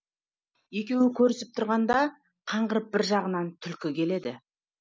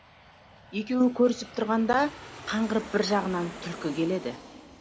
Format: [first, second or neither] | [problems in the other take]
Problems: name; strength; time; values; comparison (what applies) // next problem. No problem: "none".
first | background sound (Aircraft); 16 dB below the speech